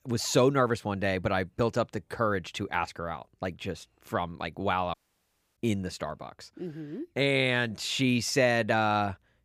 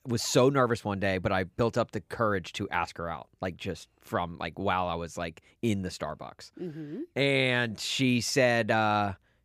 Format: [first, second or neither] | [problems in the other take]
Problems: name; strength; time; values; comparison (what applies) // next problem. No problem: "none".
second | audio cutting out; at 5 s for 0.5 s